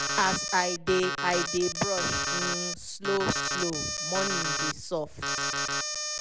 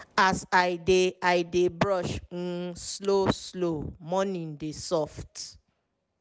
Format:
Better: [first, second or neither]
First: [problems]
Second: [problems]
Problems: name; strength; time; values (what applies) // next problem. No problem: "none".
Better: second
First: background sound (Alarm); as loud as the speech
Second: none